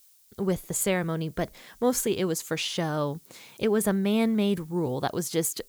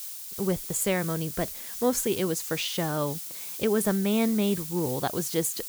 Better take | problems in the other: first | hiss; loud; throughout; 7 dB below the speech; faint in the first

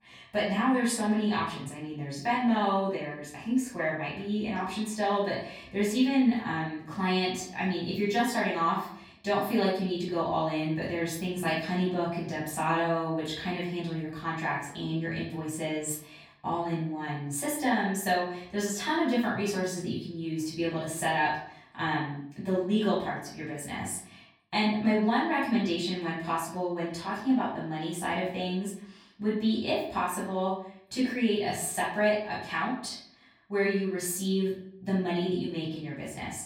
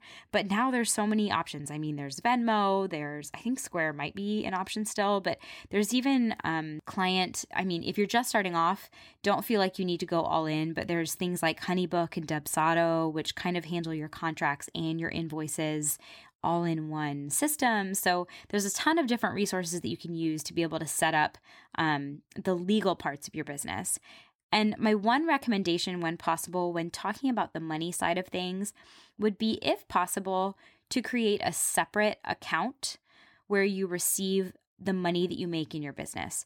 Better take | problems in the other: second | room echo; noticeable; dies away in 0.6 s // off-mic speech; far

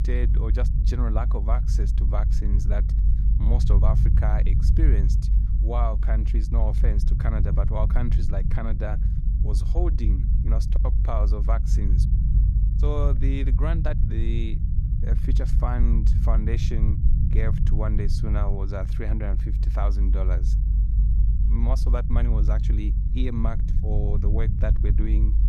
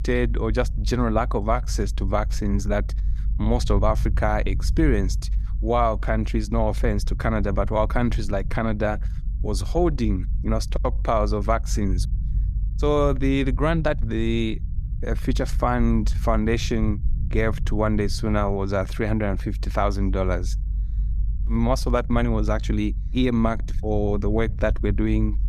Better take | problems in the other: second | low rumble; loud; throughout; 5 dB below the speech; faint in the second

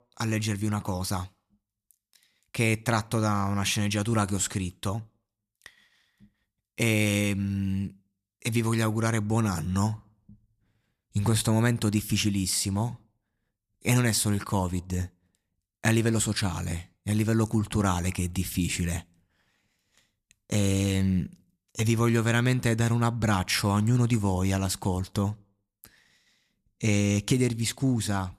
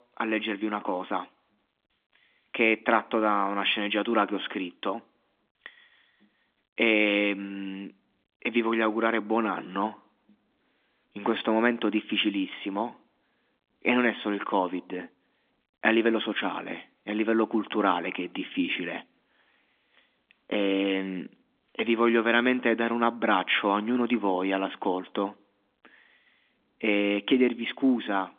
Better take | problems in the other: first | phone-call audio; nothing above 3.5 kHz

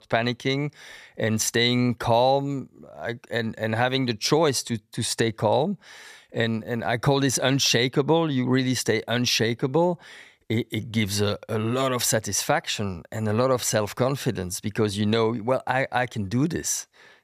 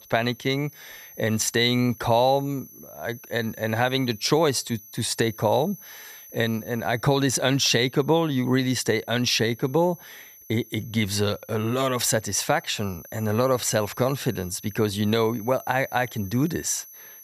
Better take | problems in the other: first | high-pitched whine; noticeable; throughout; 11.5 kHz, 20 dB below the speech

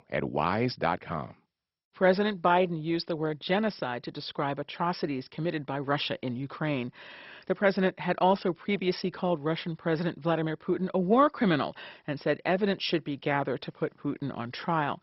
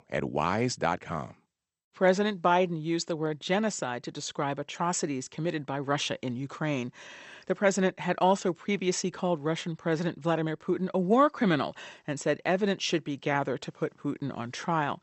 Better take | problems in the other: second | garbled, watery; badly; nothing above 5.5 kHz; slightly in the second

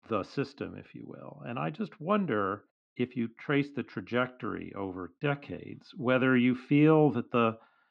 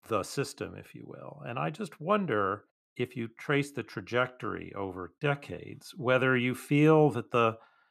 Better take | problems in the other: second | muffled; very slightly; fading above 4.5 kHz

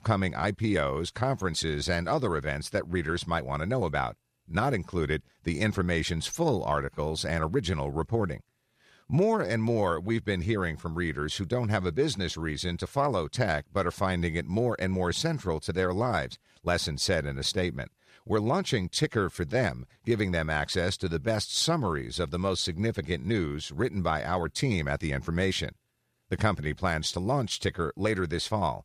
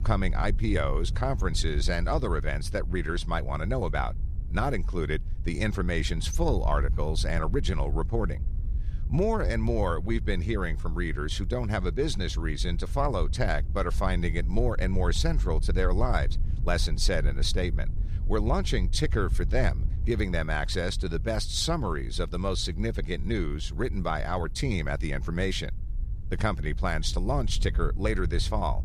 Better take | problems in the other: first | wind noise on the microphone; occasional gusts; 20 dB below the speech

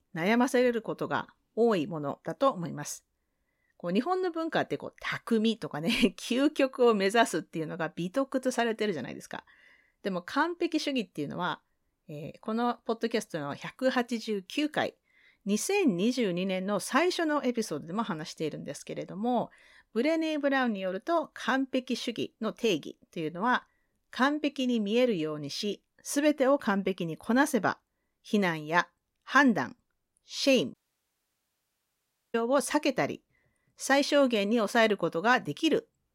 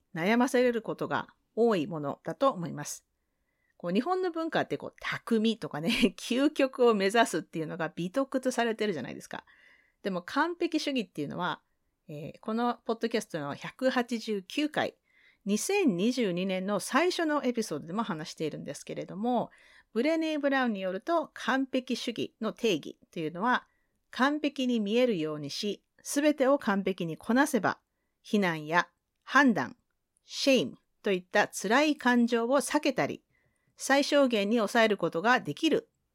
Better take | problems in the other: second | audio cutting out; at 31 s for 1.5 s

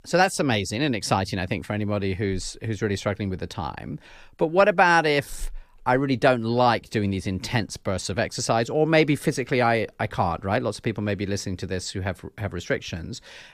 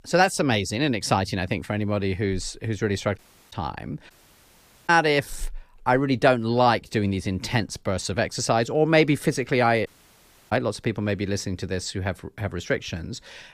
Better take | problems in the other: first | audio cutting out; at 3 s, at 4 s for 1 s and at 10 s for 0.5 s

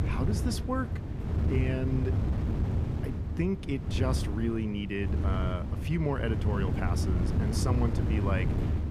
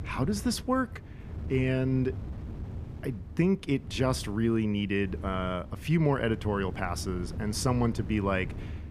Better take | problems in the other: second | wind noise on the microphone; heavy; 4 dB below the speech; occasional gusts in the second

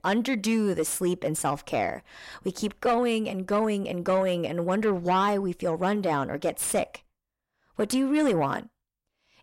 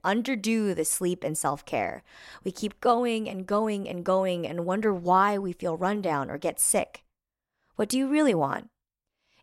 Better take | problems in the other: second | distortion; slight; 10 dB below the speech

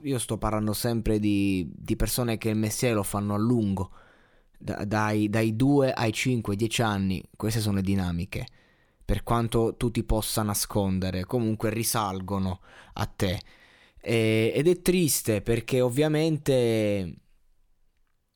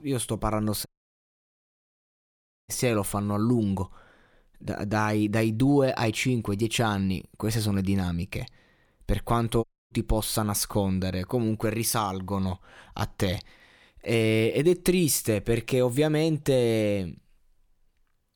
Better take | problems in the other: first | audio cutting out; at 1 s for 2 s and at 9.5 s

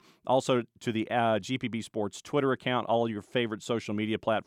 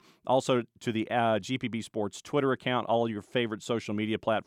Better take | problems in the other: neither | none

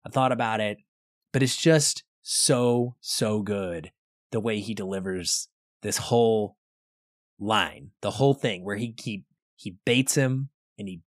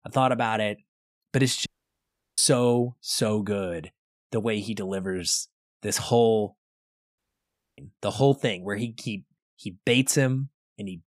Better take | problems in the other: first | audio cutting out; at 1.5 s for 0.5 s and at 7 s for 0.5 s

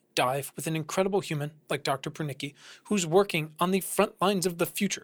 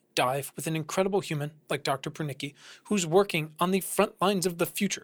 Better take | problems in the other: neither | none

